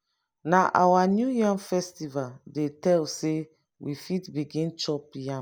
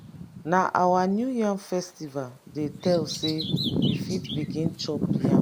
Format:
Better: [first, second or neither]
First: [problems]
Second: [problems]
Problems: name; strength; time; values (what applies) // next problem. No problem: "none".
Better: first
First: none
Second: background sound (Bird vocalization, bird call, bird song); 2 dB below the speech